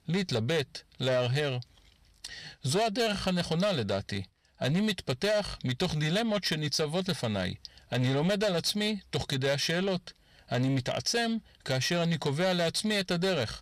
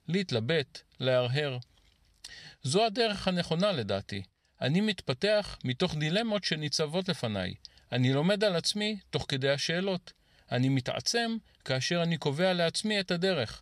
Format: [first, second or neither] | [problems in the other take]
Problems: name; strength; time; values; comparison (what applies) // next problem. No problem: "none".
second | distortion; slight; 10 dB below the speech